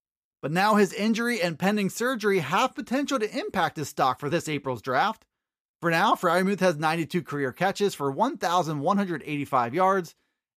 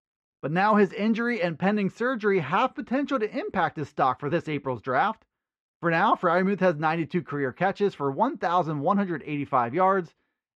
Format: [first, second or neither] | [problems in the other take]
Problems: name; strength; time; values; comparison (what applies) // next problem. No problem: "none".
first | muffled; slightly; fading above 2.5 kHz